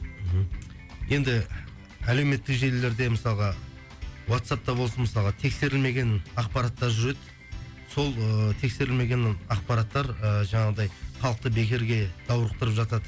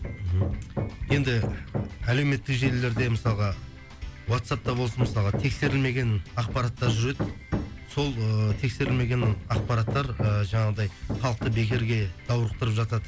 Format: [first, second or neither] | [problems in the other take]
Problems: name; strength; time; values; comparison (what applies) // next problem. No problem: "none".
first | background sound (Hammer); 8 dB below the speech